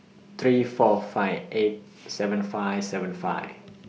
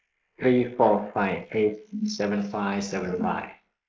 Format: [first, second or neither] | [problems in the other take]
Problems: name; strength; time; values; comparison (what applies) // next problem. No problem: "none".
first | noise reduction (neural mask model Resemble Enhance denoiser)